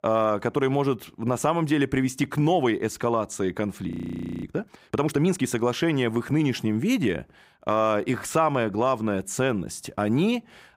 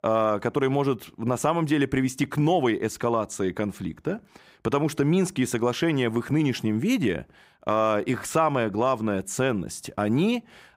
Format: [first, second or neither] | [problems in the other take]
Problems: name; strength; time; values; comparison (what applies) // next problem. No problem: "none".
second | audio freezing; at 4 s for 0.5 s